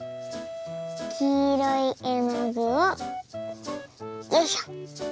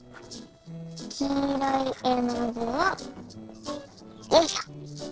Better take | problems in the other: first | noise reduction (neural separator model SepFormer DNS4)

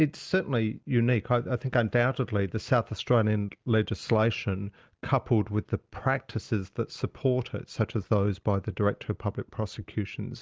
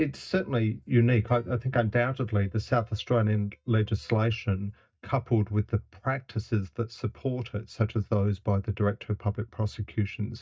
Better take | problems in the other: first | noise reduction (neural mask model DeepFilterNet 3)

